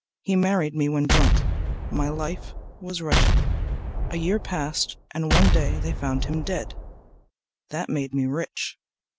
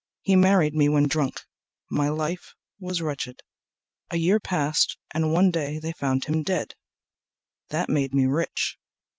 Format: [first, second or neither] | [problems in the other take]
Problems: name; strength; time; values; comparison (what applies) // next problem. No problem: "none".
second | background sound (Explosion); 4 dB above the speech